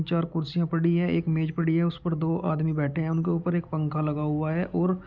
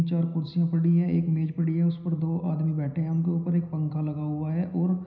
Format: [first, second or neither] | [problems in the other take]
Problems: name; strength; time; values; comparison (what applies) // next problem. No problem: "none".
first | room echo; dies away in 0.9 s